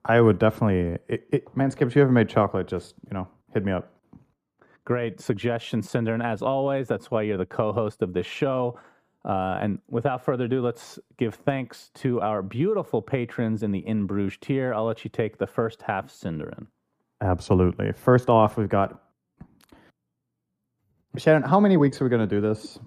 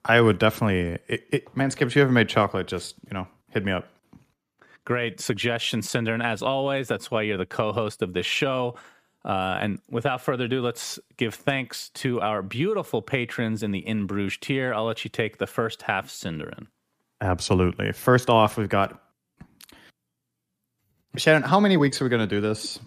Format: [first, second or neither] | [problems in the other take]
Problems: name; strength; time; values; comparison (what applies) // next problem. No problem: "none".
second | muffled; slightly; fading above 1.5 kHz